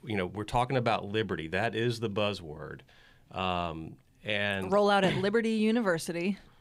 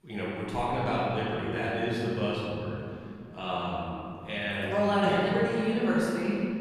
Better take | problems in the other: first | room echo; strong; dies away in 2.7 s // off-mic speech; far

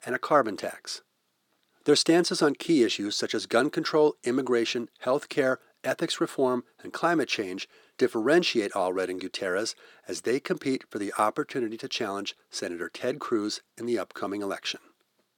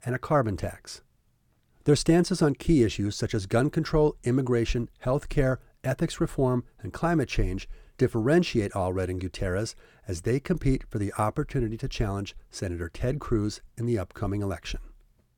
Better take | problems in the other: second | thin; somewhat; fading below 250 Hz

